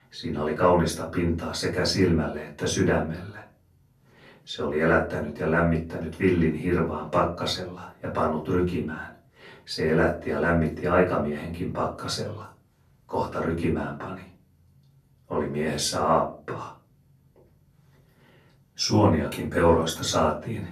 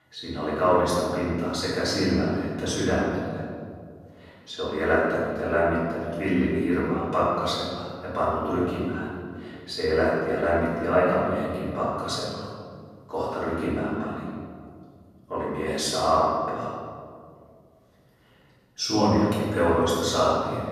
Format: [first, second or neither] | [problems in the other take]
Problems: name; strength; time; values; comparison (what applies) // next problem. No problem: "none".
first | room echo; strong; dies away in 2 s; slight in the first // off-mic speech; far; far in the first